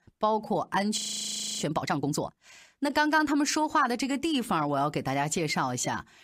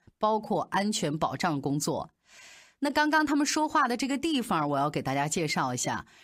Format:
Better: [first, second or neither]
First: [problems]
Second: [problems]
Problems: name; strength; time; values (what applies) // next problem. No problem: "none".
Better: second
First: audio freezing; at 1 s for 0.5 s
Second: none